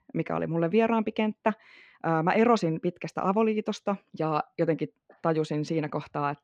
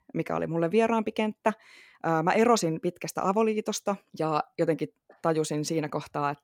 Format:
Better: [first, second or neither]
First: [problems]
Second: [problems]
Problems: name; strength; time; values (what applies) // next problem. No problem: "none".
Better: second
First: muffled; slightly; fading above 3 kHz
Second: none